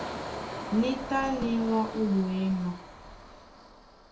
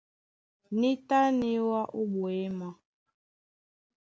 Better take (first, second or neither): second